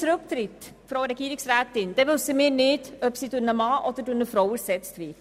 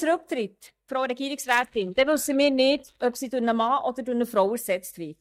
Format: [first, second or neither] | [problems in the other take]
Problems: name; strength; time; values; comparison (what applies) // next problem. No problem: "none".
first | noise reduction (neural mask model DeepFilterNet 3)